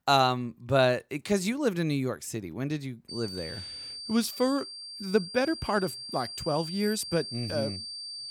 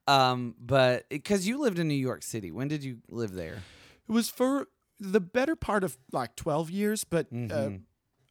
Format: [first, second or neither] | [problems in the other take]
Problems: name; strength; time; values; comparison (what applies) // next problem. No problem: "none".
second | high-pitched whine; loud; from 3 s on; 4.5 kHz, 8 dB below the speech